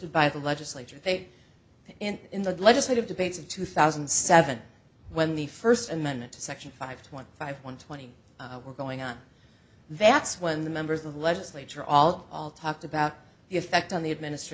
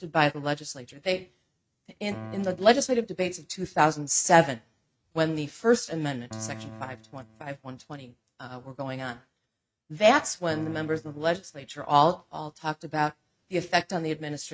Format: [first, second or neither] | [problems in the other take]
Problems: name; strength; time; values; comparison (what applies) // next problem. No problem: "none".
first | noise reduction (neural mask model RNNoise)